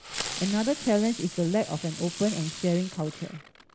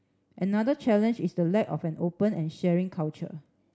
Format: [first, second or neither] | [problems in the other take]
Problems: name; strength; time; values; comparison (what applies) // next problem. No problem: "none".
second | background sound (Fireworks); 10 dB below the speech